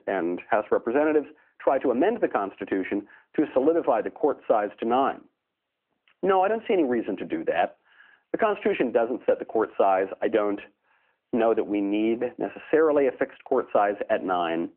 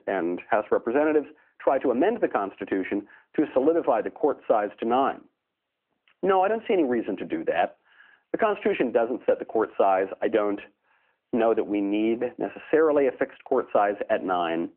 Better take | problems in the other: neither | phone-call audio; the same in both

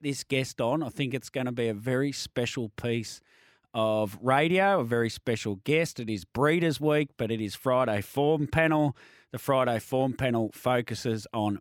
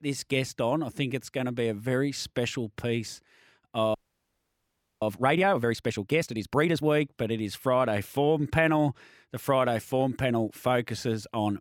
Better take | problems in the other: first | audio freezing; at 4 s for 1 s

